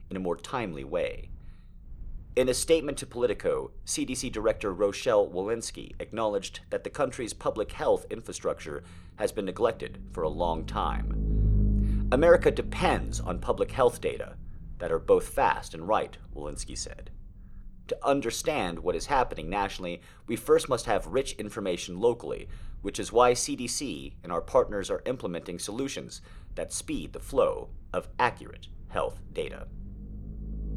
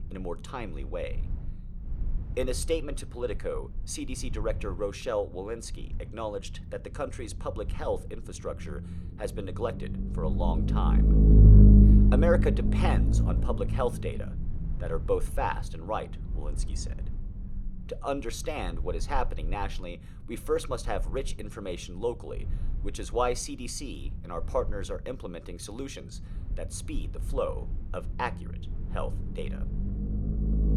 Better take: first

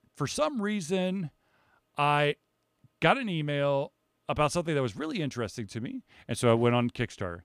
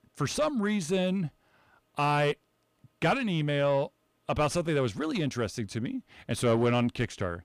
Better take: first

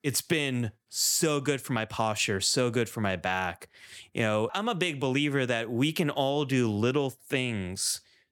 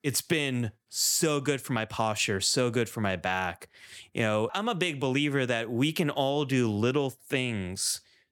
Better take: neither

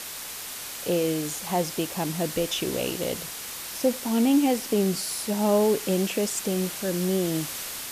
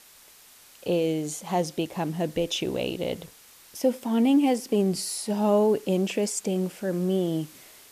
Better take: second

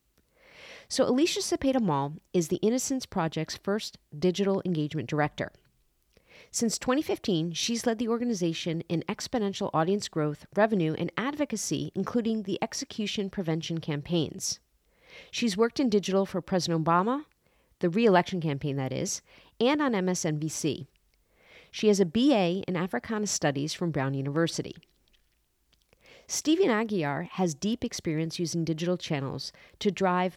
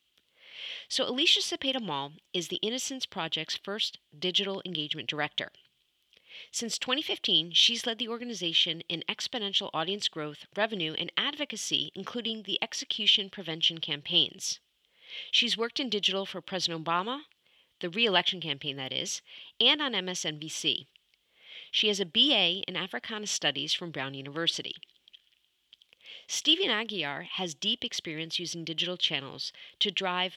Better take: first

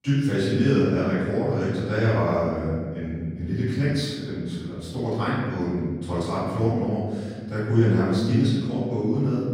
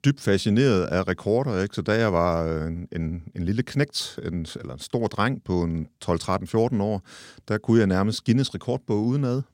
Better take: second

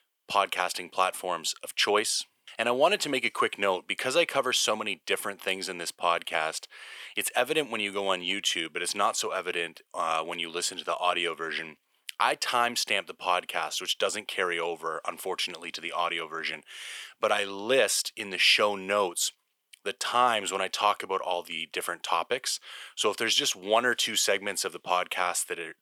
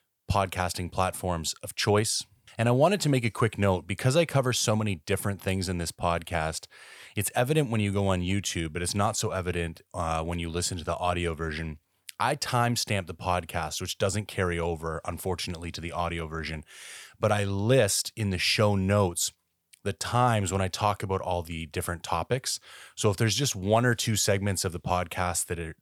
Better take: second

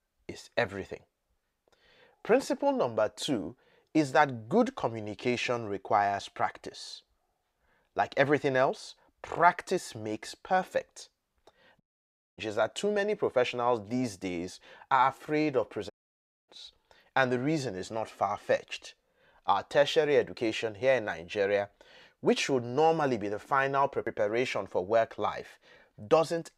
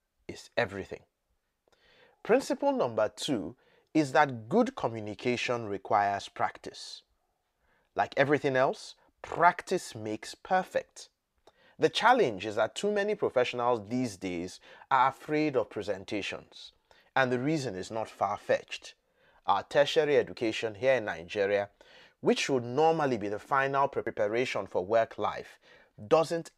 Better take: second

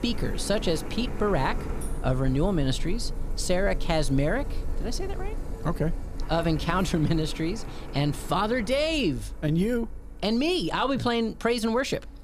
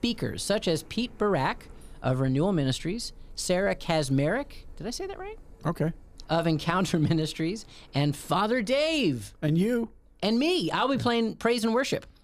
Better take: second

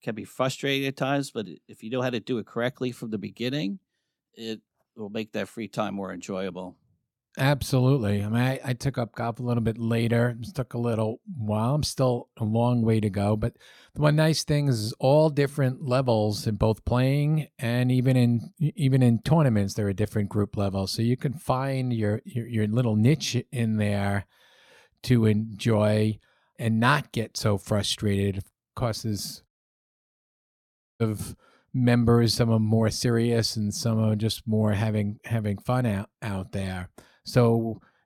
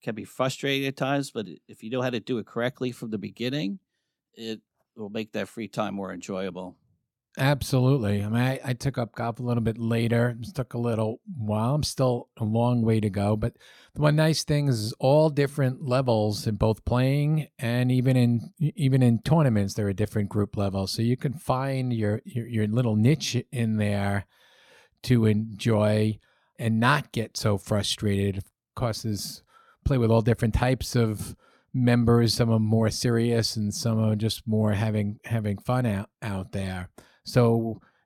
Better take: second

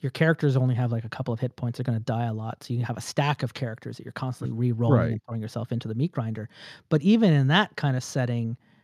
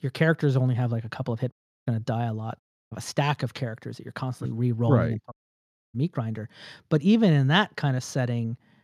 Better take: first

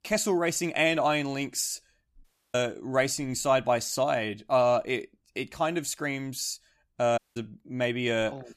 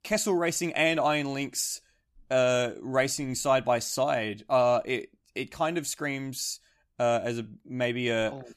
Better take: second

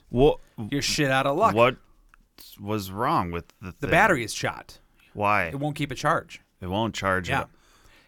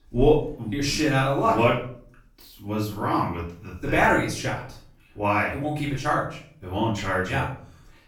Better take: first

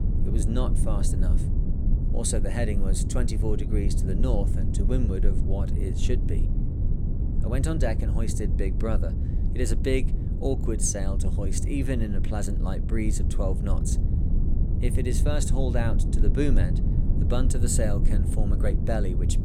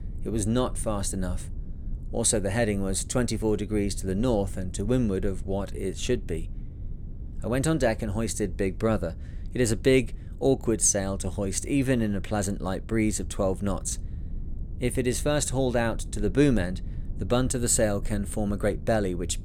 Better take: second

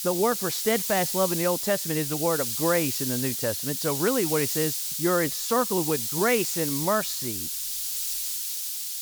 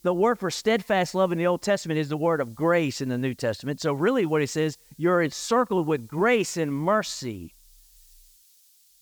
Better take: second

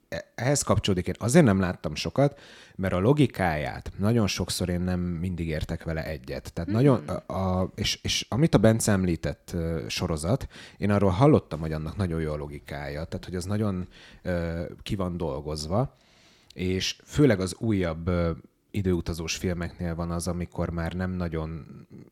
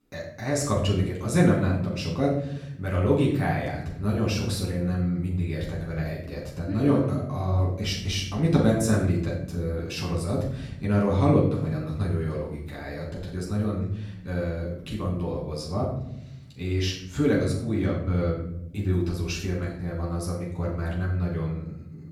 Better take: first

